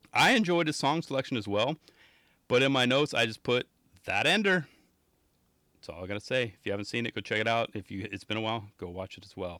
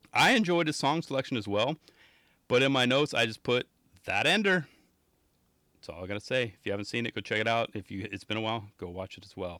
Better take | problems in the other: neither | distortion; slight; 10 dB below the speech; the same in both

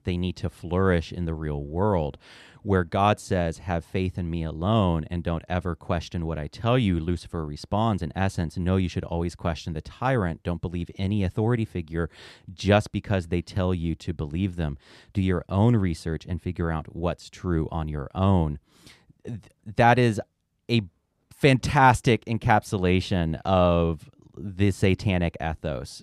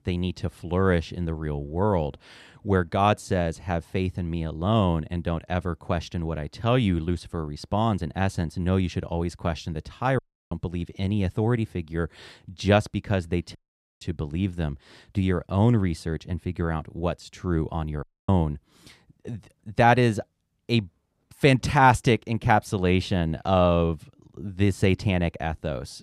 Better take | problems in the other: first | audio cutting out; at 10 s, at 14 s and at 18 s

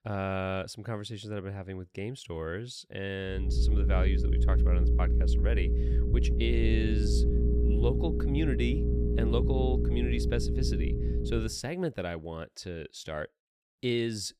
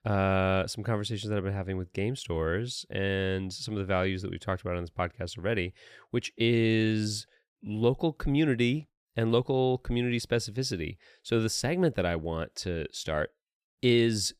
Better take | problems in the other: second | low rumble; loud; from 3.5 to 11 s; 3 dB below the speech

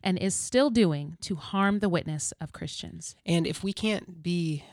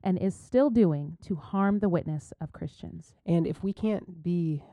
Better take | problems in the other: first | muffled; very; fading above 2 kHz

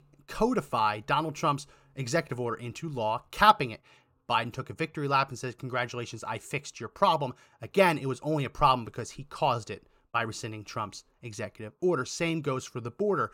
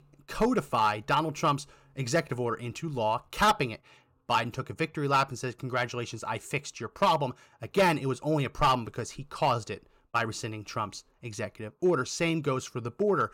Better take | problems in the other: first | distortion; slight; 1.7% of the sound clipped

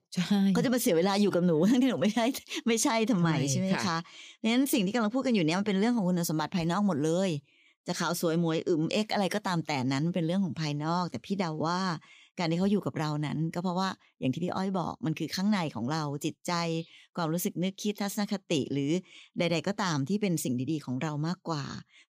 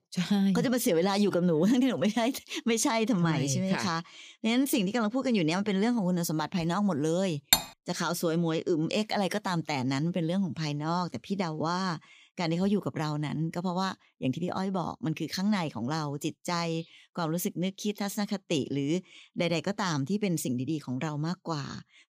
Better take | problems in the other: first | clattering dishes; loud; at 7.5 s; peak 4 dB above the speech

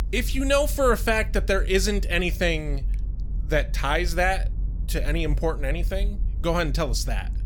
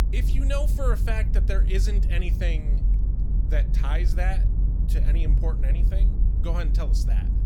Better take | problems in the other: first | low rumble; loud; throughout; 7 dB below the speech; faint in the first

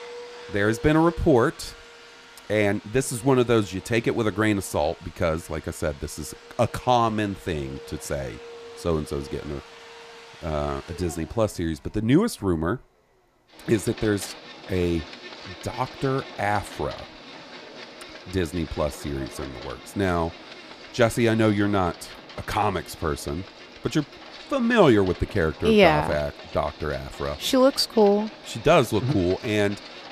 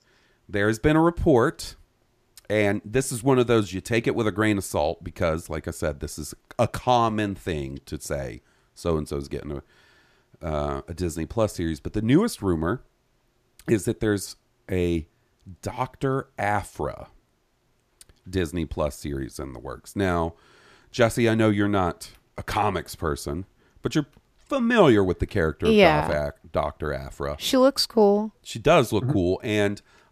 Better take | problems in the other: second | household noises; noticeable; throughout; 15 dB below the speech

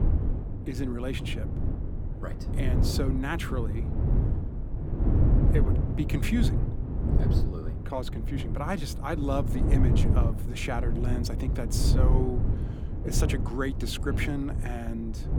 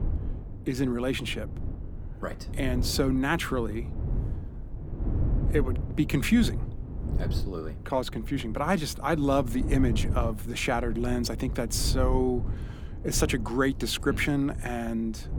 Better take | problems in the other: second | wind noise on the microphone; heavy; 4 dB below the speech; occasional gusts in the second

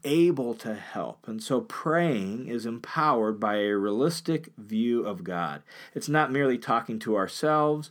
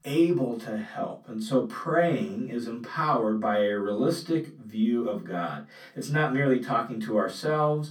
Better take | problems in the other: first | off-mic speech; far // room echo; very slight; dies away in 0.2 s

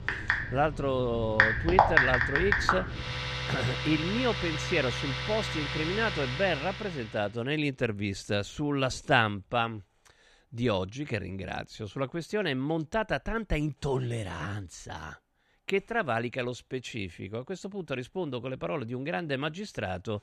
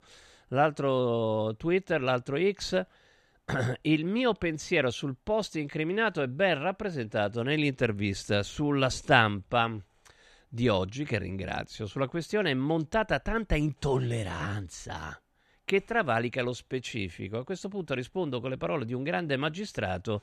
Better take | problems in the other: second | household noises; very loud; until 6.5 s; 2 dB above the speech

